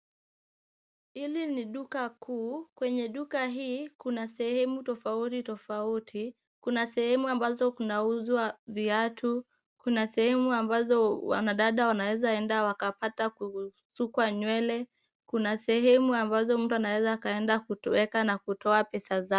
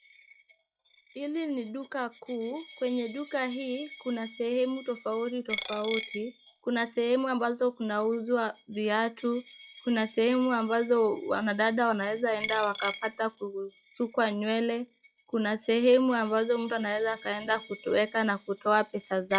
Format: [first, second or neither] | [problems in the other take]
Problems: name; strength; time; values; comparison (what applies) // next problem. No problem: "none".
first | noise reduction (classical method log-MMSE)